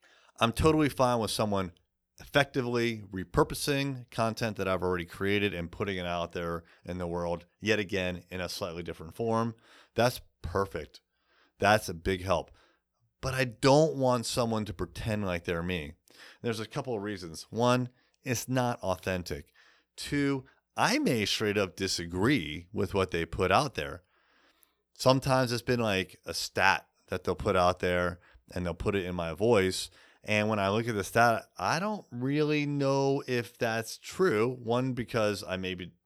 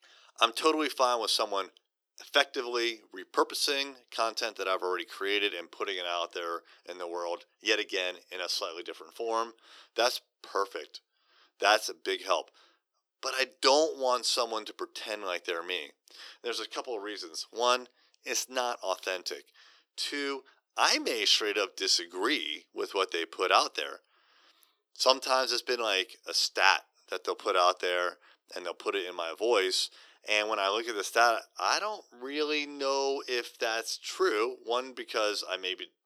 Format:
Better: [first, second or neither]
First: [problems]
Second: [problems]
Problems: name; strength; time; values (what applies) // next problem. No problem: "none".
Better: first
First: none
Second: thin; very; fading below 350 Hz